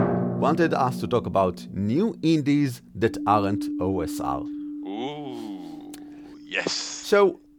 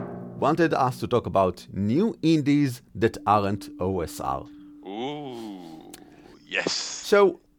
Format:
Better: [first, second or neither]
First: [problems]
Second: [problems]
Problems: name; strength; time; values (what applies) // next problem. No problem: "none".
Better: second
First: background music; loud; throughout; 8 dB below the speech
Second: background music; faint; throughout; 20 dB below the speech